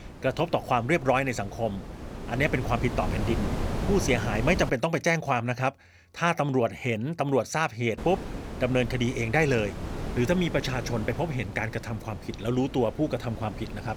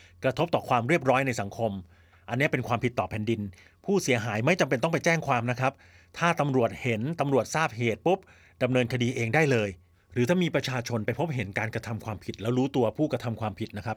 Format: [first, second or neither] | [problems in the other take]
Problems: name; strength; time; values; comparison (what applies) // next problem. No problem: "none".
second | wind noise on the microphone; occasional gusts; until 4.5 s and from 8 s on; 10 dB below the speech